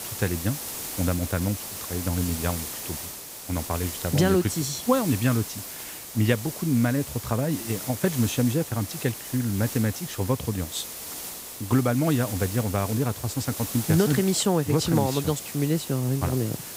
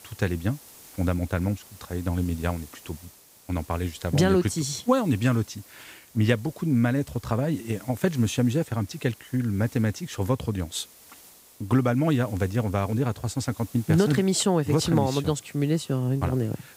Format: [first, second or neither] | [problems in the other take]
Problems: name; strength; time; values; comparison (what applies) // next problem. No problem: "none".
second | hiss; loud; throughout; 8 dB below the speech; faint in the second